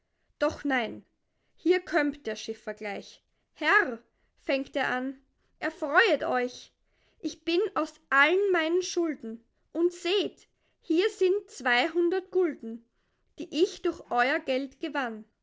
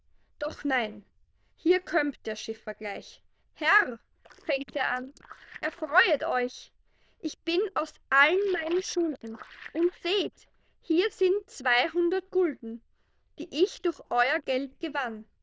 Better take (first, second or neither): first